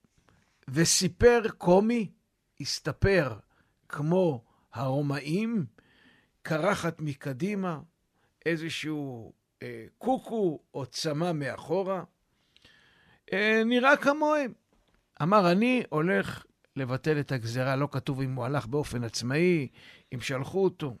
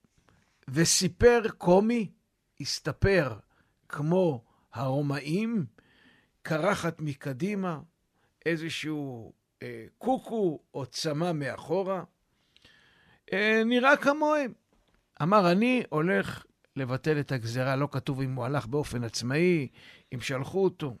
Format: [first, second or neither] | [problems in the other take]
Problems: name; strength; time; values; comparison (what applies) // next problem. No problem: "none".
neither | none